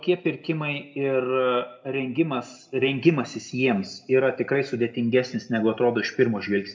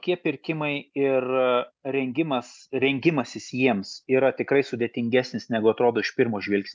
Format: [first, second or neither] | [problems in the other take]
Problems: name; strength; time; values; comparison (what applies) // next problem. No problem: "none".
second | room echo; dies away in 0.6 s